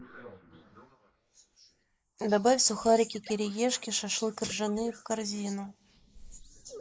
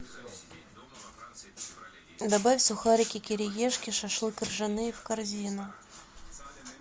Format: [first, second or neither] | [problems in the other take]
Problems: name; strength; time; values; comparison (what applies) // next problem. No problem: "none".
second | noise reduction (neural mask model Resemble Enhance denoiser)